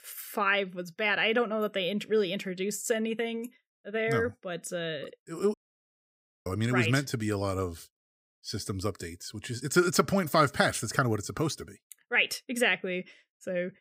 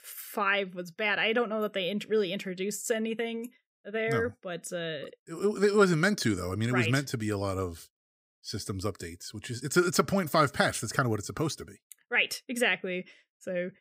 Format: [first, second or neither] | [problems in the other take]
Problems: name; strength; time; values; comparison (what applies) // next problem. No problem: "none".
second | audio cutting out; at 5.5 s for 1 s